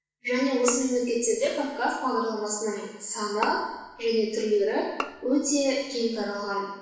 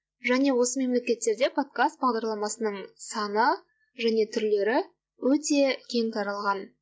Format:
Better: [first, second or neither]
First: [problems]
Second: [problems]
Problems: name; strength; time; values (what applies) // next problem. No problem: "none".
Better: second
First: background sound (Bowed string instrument); 14 dB below the speech // room echo; dies away in 1.1 s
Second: none